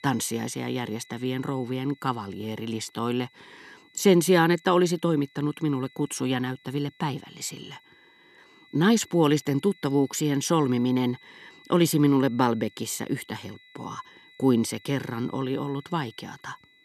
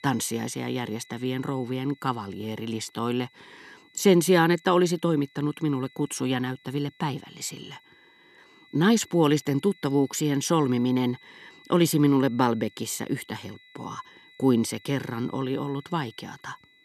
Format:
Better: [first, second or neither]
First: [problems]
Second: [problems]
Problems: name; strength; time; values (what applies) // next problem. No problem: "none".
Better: neither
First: high-pitched whine; faint; throughout; 2 kHz, 30 dB below the speech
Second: high-pitched whine; faint; throughout; 2 kHz, 30 dB below the speech